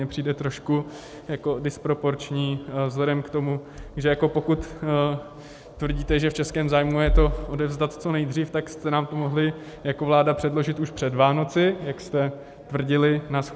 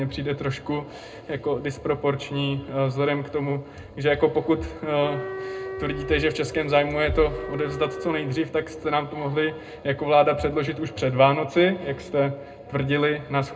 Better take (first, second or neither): first